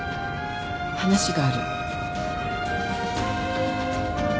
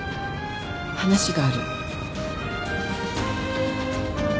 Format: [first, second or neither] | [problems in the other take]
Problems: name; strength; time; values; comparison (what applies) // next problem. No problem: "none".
second | background sound (Trumpet); 5 dB below the speech